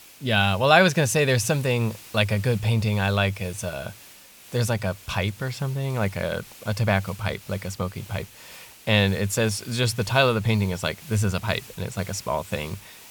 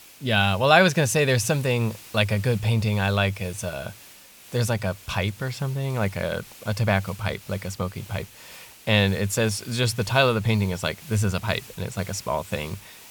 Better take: neither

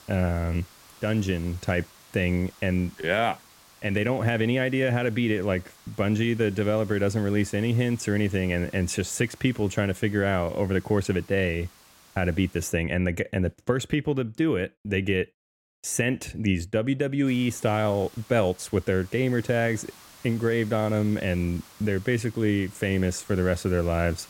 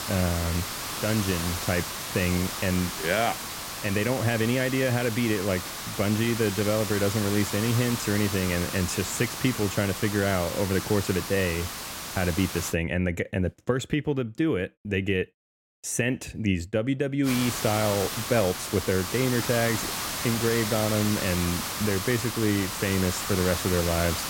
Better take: first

